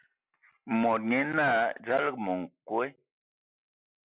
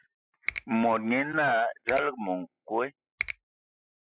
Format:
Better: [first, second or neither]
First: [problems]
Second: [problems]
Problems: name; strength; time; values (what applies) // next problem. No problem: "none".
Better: first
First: none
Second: noise reduction (classical method spectral subtraction)